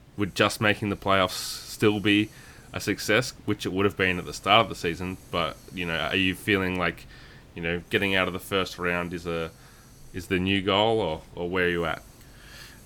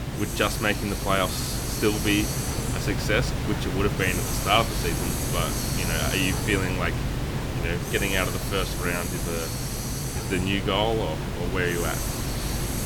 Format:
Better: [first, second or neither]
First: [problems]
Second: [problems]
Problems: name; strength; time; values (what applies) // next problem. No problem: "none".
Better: first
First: hiss; faint; throughout; 25 dB below the speech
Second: hiss; loud; throughout; 1 dB below the speech